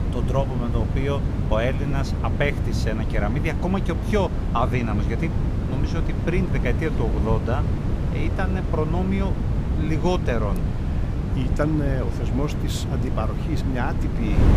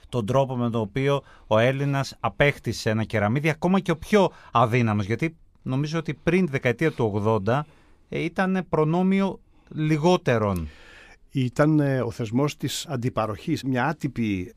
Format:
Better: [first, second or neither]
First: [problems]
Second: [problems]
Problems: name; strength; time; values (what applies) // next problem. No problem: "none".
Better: second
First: wind noise on the microphone; heavy; 6 dB below the speech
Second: none